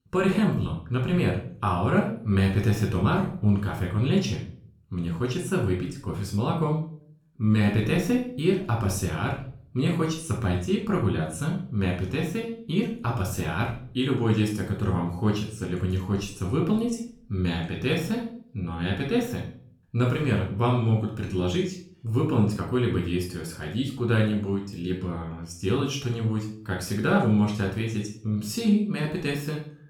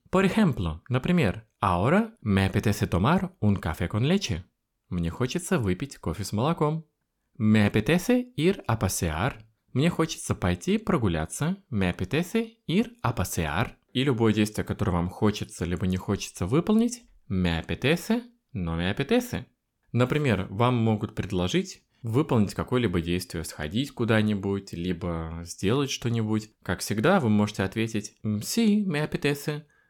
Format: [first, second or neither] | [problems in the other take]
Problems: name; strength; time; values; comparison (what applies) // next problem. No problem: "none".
second | room echo; slight; dies away in 0.4 s // off-mic speech; somewhat distant